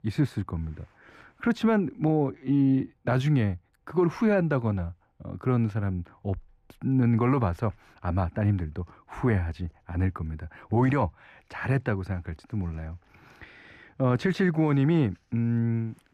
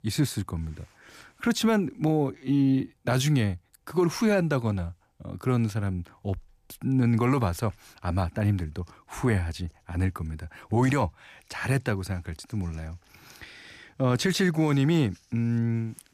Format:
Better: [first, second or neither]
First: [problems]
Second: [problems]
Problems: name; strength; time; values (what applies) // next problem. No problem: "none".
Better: second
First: muffled; slightly; fading above 3.5 kHz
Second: none